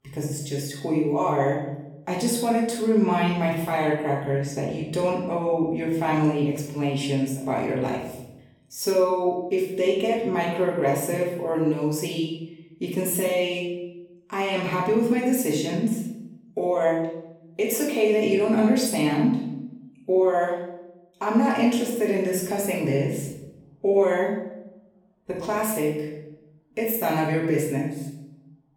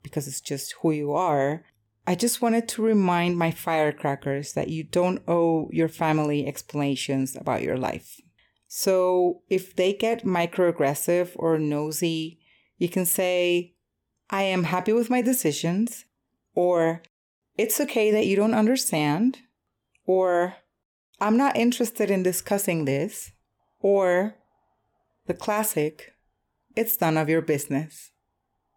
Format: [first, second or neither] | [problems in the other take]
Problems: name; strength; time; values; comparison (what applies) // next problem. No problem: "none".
second | room echo; noticeable; dies away in 0.8 s // off-mic speech; far